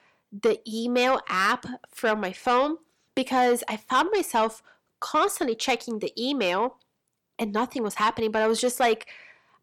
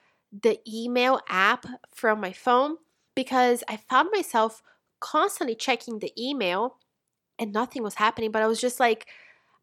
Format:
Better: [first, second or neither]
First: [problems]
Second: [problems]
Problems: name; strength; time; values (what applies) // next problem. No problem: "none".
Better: second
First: distortion; slight; 10 dB below the speech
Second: none